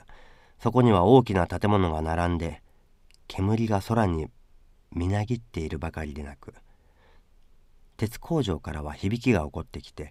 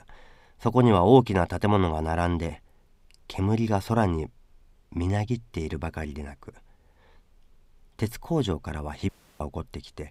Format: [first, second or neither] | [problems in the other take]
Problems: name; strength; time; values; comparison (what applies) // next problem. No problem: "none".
first | audio cutting out; at 9 s